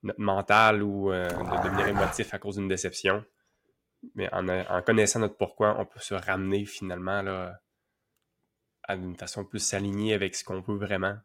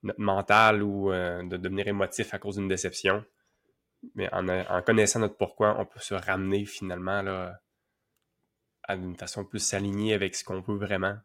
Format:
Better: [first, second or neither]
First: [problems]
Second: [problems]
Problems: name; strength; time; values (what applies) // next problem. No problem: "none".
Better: second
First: dog barking; loud; at 1.5 s; peak level with the speech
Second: none